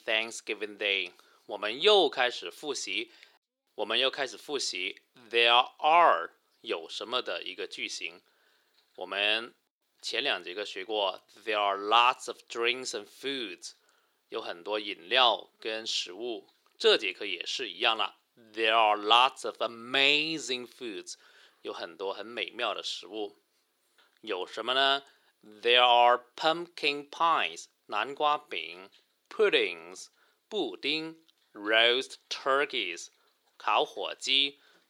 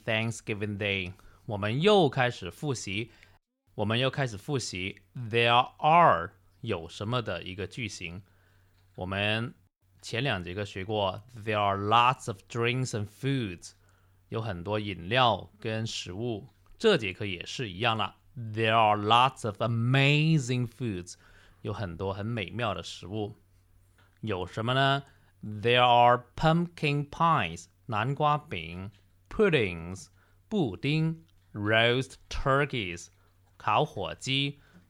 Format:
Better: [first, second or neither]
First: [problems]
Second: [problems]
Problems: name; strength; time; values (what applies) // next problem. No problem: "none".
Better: second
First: thin; very; fading below 350 Hz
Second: none